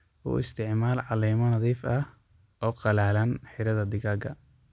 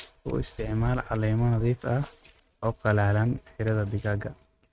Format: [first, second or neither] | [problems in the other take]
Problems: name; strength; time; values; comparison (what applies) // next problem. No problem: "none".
first | noise reduction (neural mask model RNNoise)